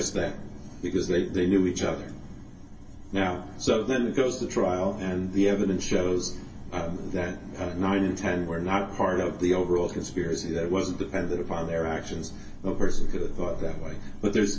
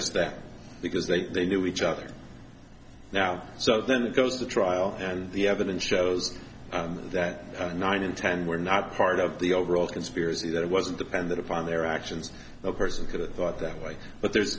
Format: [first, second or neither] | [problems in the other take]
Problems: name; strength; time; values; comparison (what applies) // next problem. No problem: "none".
second | room echo; dies away in 0.2 s